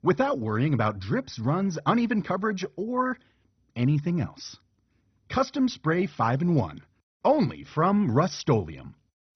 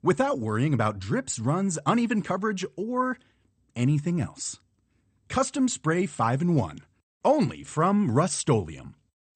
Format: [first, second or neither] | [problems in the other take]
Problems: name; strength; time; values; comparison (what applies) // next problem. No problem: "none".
second | garbled, watery; badly; nothing above 6 kHz; slightly in the second